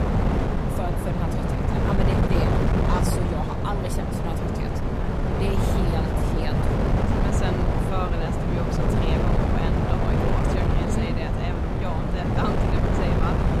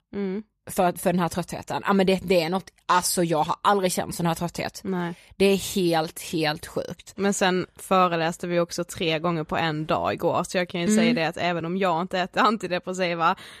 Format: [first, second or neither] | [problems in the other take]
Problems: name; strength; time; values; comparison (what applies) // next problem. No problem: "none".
second | wind noise on the microphone; heavy; 5 dB above the speech